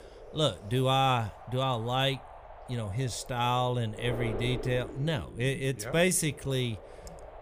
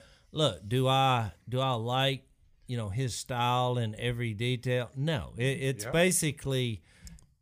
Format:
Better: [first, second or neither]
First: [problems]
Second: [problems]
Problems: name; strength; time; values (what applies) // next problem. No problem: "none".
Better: second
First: wind noise on the microphone; occasional gusts; 15 dB below the speech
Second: none